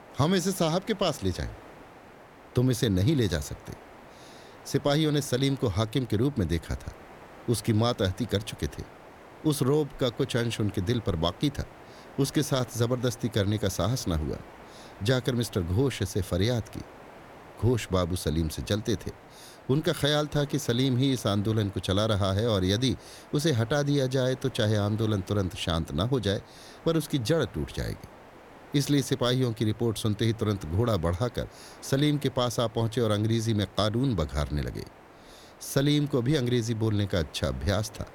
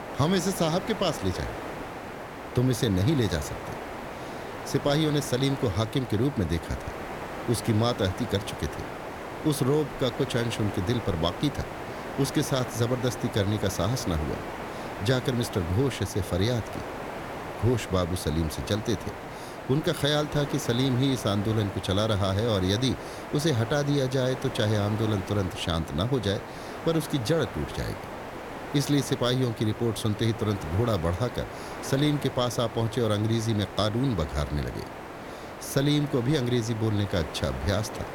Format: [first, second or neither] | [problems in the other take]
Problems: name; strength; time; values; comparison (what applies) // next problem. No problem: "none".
first | hiss; loud; throughout; 10 dB below the speech; faint in the first